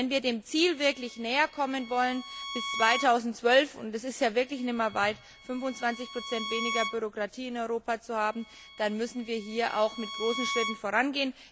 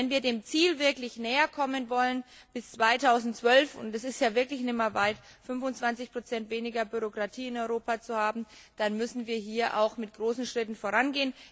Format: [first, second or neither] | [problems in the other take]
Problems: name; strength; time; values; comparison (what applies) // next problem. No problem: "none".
second | background sound (Bowed string instrument); 10 dB below the speech